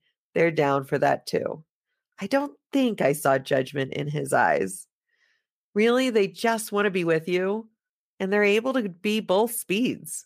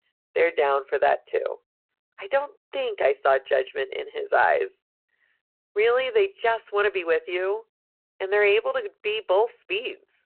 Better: first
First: none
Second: phone-call audio

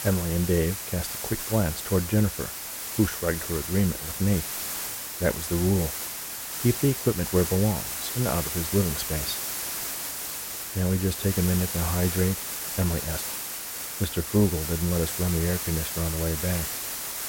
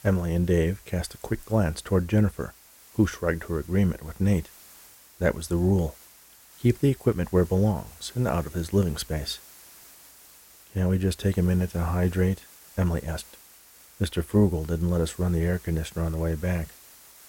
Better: second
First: hiss; loud; throughout; 3 dB below the speech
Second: hiss; faint; throughout; 20 dB below the speech

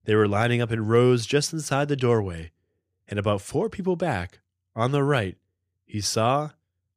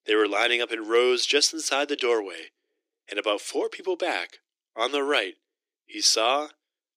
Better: first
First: none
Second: thin; very; fading below 300 Hz

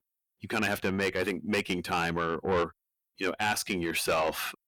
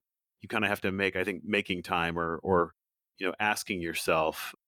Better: second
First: distortion; heavy; 7 dB below the speech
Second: none

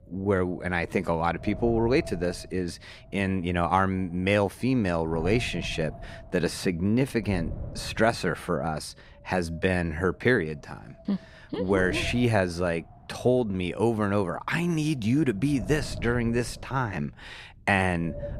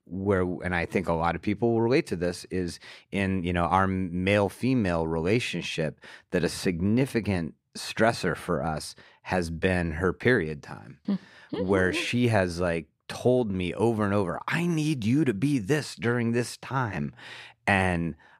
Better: second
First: wind noise on the microphone; occasional gusts; 20 dB below the speech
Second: none

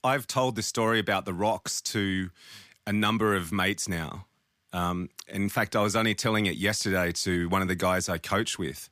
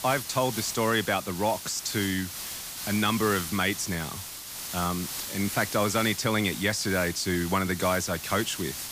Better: first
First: none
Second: hiss; loud; throughout; 7 dB below the speech

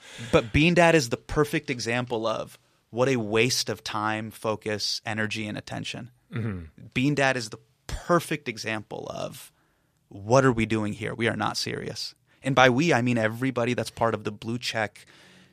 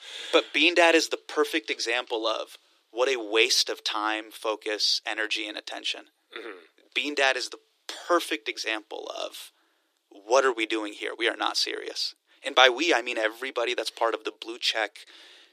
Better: first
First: none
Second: thin; very; fading below 300 Hz

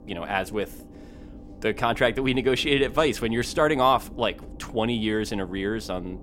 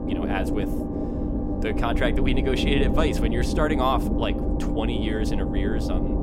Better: first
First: low rumble; faint; throughout; 25 dB below the speech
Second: low rumble; loud; throughout; 3 dB below the speech

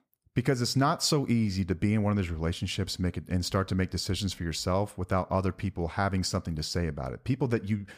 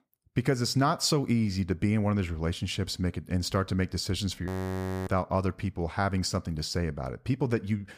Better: first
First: none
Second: audio freezing; at 4.5 s for 0.5 s

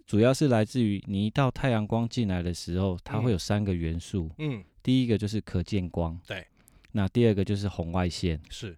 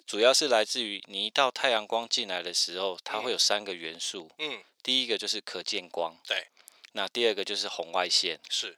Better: first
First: none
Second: thin; very; fading below 550 Hz

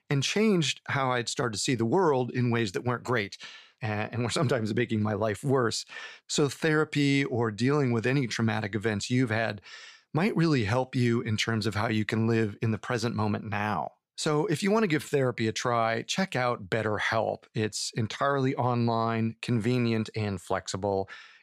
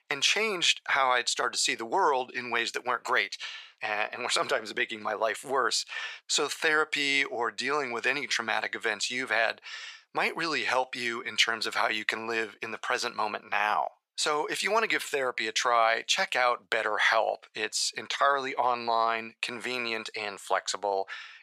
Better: first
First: none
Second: thin; very; fading below 750 Hz

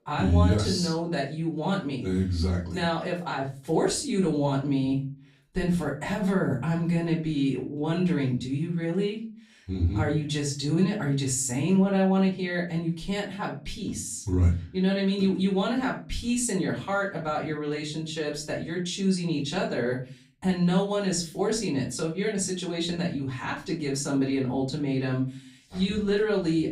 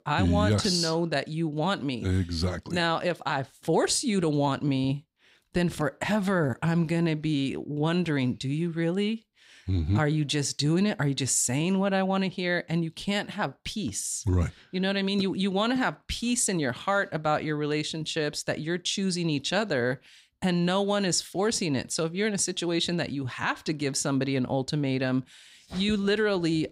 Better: second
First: off-mic speech; far // room echo; slight; dies away in 0.3 s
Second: none

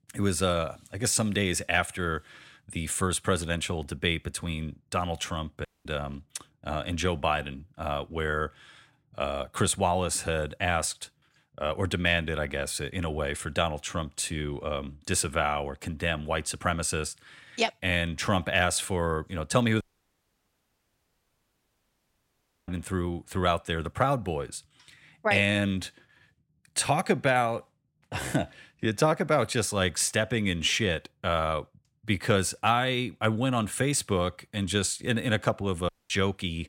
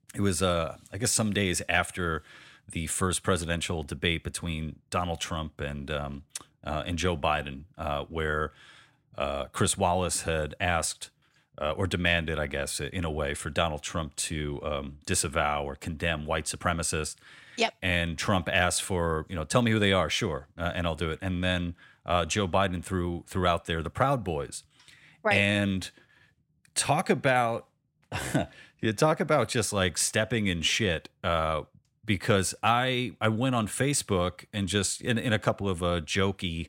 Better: second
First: audio cutting out; at 5.5 s, at 20 s for 3 s and at 36 s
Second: none

